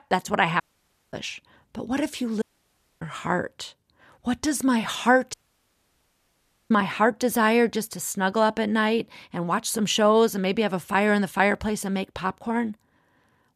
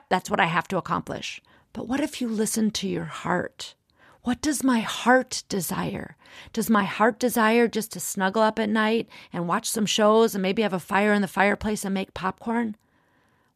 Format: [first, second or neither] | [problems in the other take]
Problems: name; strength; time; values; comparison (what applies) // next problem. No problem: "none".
second | audio cutting out; at 0.5 s for 0.5 s, at 2.5 s for 0.5 s and at 5.5 s for 1.5 s